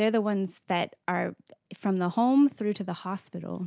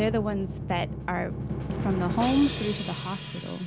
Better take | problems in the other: first | background sound (Drum); 4 dB below the speech

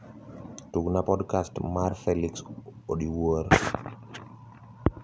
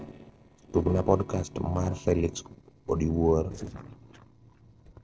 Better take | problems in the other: first | noise reduction (neural separator model SepFormer DNS4)

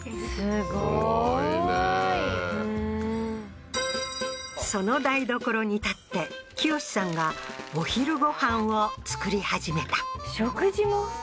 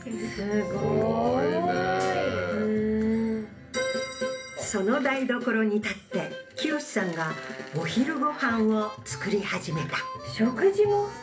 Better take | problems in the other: first | background sound (Hi-hat); 20 dB below the speech // room echo; dies away in 0.3 s

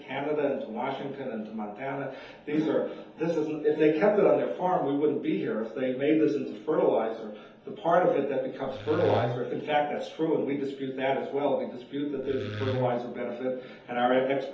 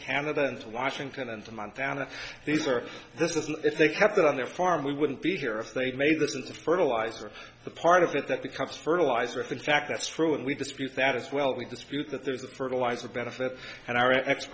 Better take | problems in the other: second | background sound (Wood); 9 dB below the speech // room echo; dies away in 0.6 s

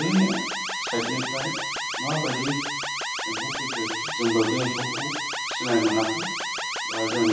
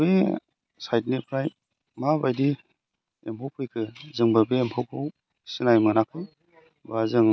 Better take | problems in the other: second | background sound (Alarm); 2 dB below the speech // room echo; dies away in 0.7 s

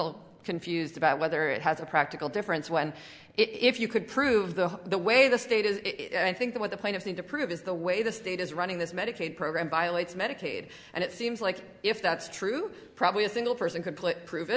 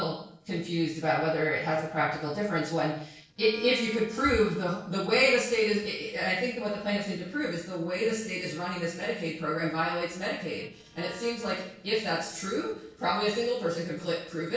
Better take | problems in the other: first | noise reduction (neural separator model SepFormer DNS4)

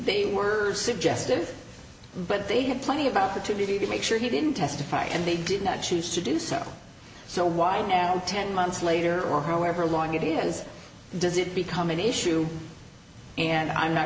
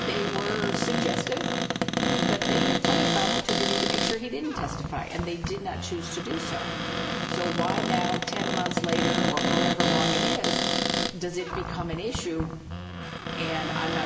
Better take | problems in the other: first | background sound (Cupboard open or close); 5 dB above the speech

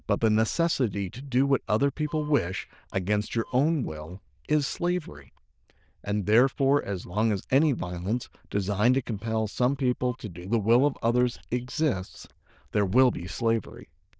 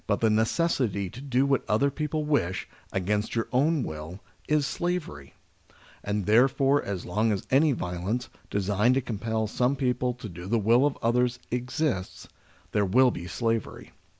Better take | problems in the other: second | noise reduction (neural diffusion model UNIVERSE++)

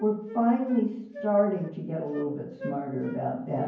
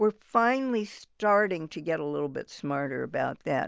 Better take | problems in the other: second | background sound (Wind instrument, woodwind instrument); 17 dB below the speech // room echo; dies away in 0.9 s

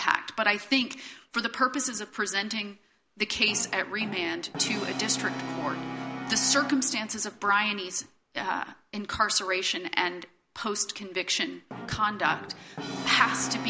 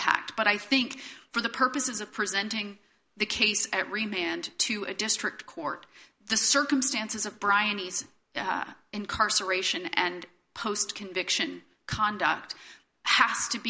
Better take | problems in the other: second | background sound (Brass instrument); 11 dB below the speech

